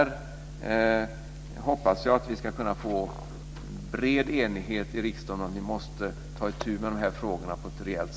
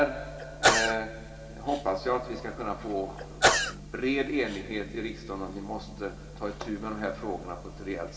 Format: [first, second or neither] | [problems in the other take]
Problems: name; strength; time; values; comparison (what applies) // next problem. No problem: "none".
first | background sound (Sneeze / Cough); 3 dB above the speech // room echo; dies away in 2.3 s